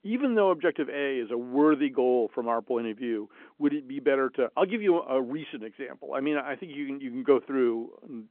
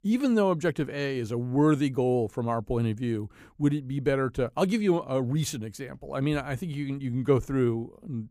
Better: second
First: phone-call audio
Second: none

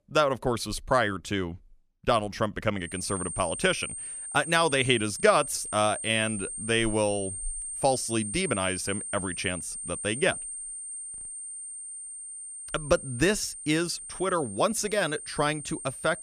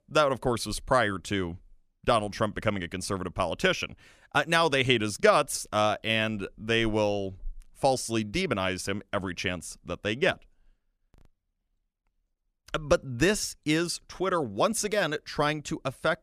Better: second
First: high-pitched whine; loud; from 3 s on; 8.5 kHz, 7 dB below the speech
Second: none

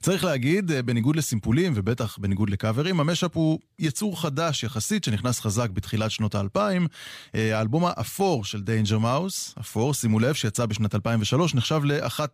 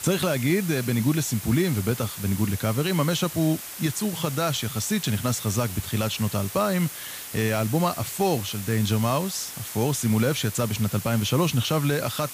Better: first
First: none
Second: hiss; loud; throughout; 9 dB below the speech

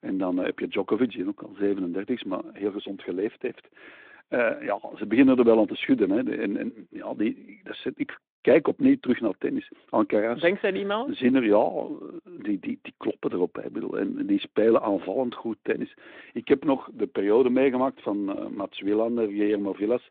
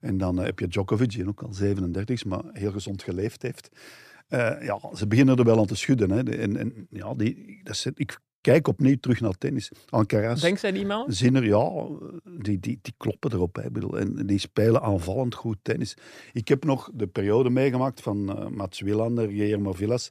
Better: second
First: phone-call audio; nothing above 3.5 kHz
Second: none

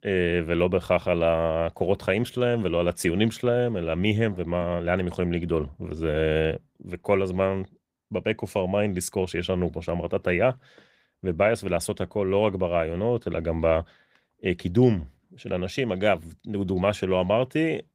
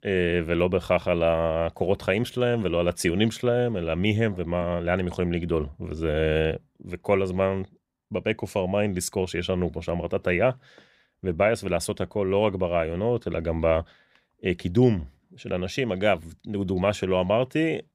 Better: second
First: garbled, watery; slightly; nothing above 15.5 kHz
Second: none

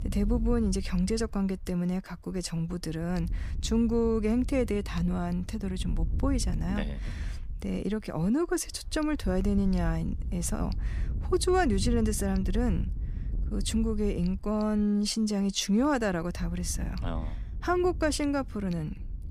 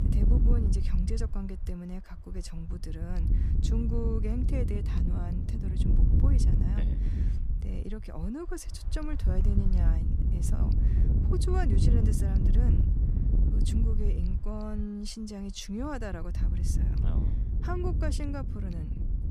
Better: first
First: wind noise on the microphone; occasional gusts; 20 dB below the speech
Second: wind noise on the microphone; heavy; 2 dB below the speech

